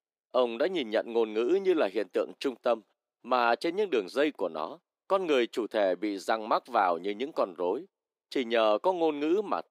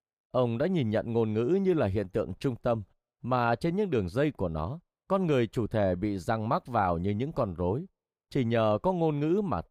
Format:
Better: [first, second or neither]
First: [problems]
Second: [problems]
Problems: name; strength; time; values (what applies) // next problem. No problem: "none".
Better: second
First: thin; somewhat; fading below 300 Hz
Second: none